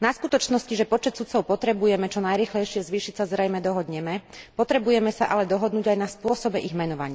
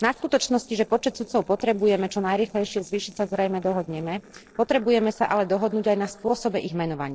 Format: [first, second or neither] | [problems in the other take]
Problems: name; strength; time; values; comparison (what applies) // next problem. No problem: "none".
first | noise reduction (neural separator model SepFormer DNS4)